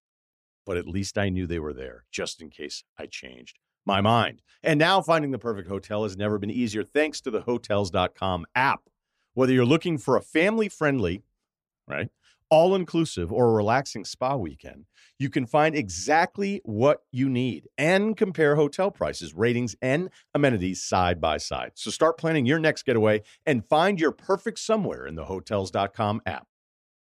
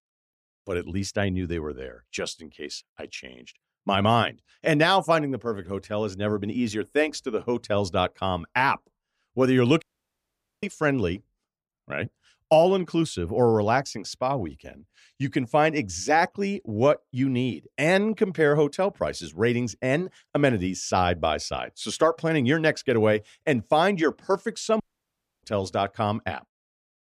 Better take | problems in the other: first | audio cutting out; at 10 s for 1 s and at 25 s for 0.5 s

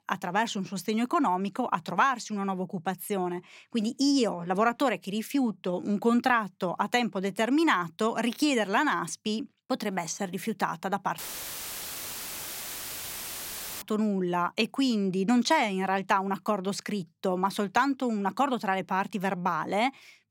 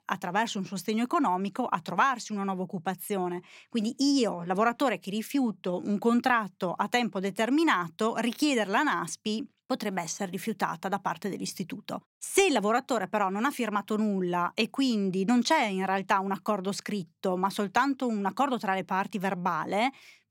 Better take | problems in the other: second | audio cutting out; filled with static; at 11 s for 2.5 s

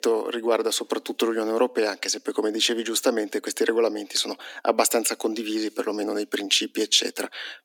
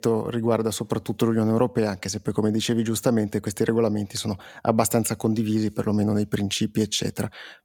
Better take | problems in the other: second | thin; somewhat; fading below 250 Hz

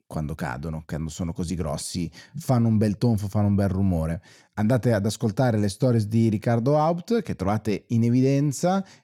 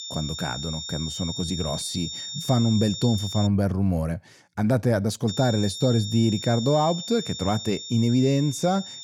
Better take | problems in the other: first | high-pitched whine; loud; until 3.5 s and from 5.5 s on; 3.5 kHz, 8 dB below the speech

